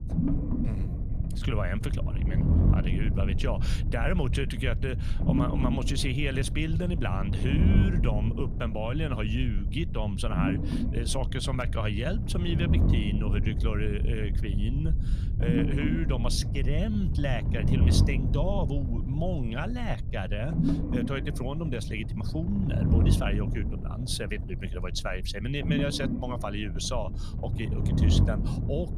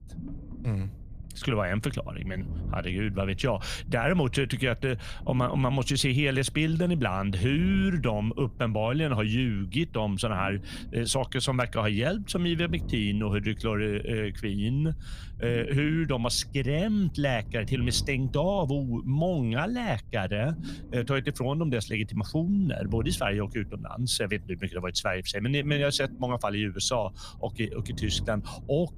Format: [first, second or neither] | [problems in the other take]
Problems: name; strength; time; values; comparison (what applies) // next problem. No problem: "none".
second | low rumble; loud; throughout; 5 dB below the speech; faint in the second